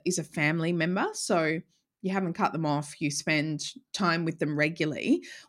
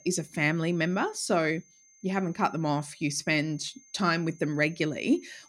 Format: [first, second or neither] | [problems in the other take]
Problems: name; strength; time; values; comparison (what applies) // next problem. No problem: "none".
first | high-pitched whine; faint; throughout; 6.5 kHz, 25 dB below the speech